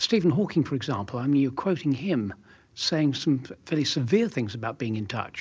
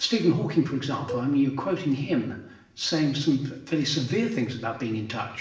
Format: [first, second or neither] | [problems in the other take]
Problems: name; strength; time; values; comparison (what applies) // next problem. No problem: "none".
first | background sound (Cowbell); 16 dB below the speech // room echo; dies away in 0.7 s